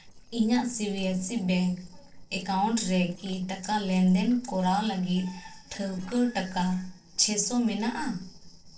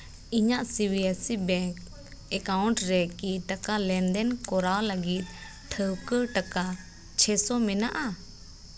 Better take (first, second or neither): second